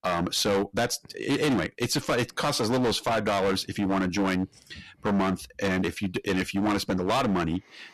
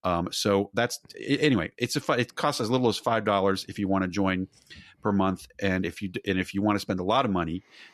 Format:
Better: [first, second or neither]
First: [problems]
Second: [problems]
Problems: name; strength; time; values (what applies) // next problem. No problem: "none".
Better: second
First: distortion; heavy; 15% of the sound clipped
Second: none